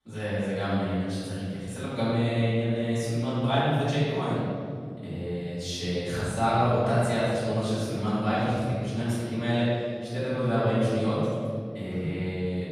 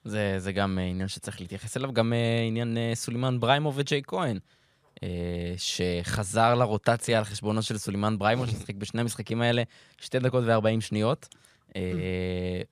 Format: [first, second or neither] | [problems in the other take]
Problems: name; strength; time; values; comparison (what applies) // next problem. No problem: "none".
second | off-mic speech; far // room echo; strong; dies away in 2.6 s